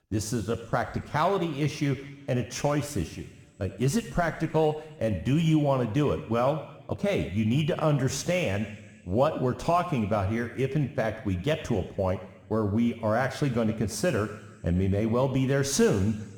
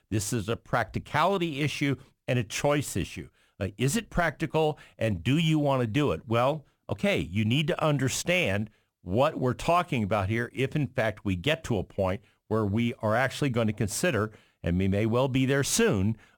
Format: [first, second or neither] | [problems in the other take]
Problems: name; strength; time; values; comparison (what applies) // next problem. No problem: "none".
second | room echo; slight; dies away in 1.2 s